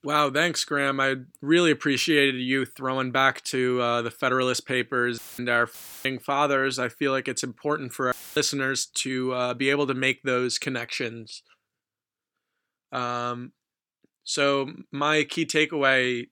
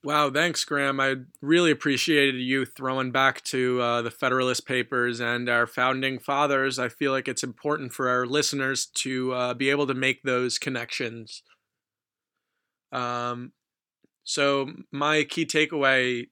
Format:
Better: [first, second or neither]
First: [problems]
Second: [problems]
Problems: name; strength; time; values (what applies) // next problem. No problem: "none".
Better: second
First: audio cutting out; filled with static; at 5 s, at 5.5 s and at 8 s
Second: none